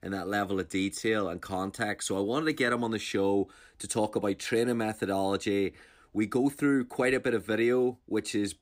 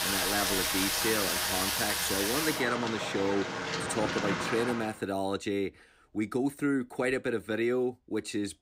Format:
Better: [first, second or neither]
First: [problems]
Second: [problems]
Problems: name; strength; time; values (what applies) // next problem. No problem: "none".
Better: first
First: none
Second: rain or running water; very loud; until 4.5 s; 2 dB above the speech